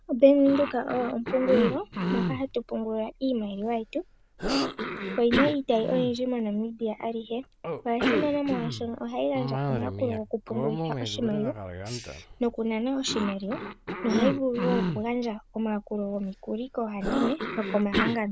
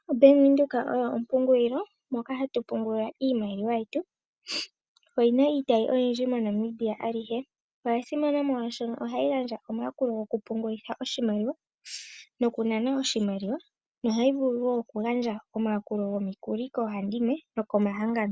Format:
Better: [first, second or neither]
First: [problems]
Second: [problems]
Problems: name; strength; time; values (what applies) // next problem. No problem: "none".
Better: second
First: background sound (Cough); 5 dB below the speech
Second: none